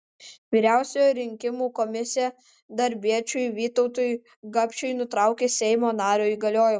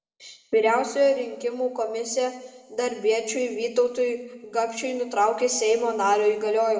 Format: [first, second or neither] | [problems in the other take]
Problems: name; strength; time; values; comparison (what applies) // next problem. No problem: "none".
first | room echo; dies away in 1.2 s